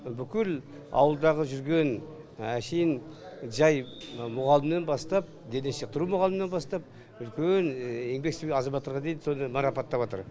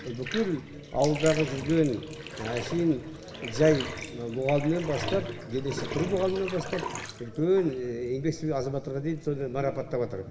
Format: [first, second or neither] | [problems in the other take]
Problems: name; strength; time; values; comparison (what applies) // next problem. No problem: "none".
first | background sound (Bathtub (filling or washing)); 11 dB below the speech // room echo; dies away in 1.4 s